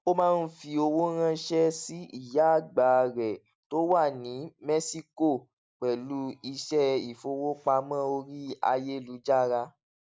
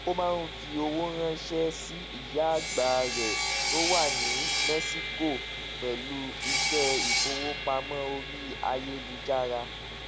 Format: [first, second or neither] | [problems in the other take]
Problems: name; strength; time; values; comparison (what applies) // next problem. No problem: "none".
first | background sound (Sawing); as loud as the speech